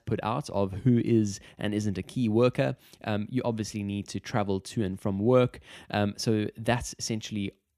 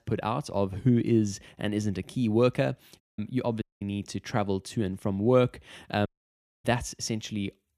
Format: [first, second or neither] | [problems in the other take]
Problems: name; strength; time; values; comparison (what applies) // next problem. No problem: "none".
first | audio cutting out; at 3 s, at 3.5 s and at 6 s for 0.5 s